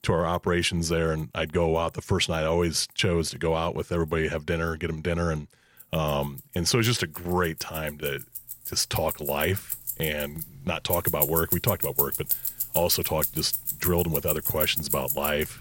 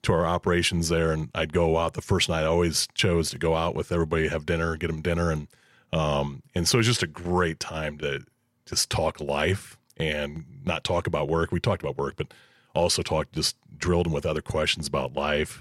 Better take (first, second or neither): second